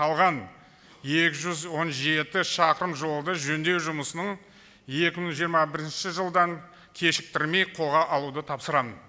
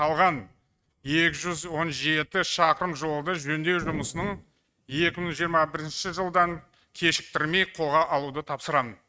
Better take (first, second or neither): first